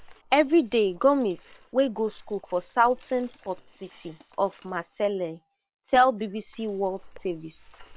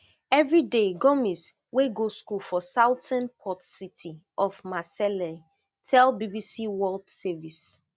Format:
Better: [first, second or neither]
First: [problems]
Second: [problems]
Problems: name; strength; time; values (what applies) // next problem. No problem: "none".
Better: second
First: noise reduction (neural separator model SepFormer WHAM!)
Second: none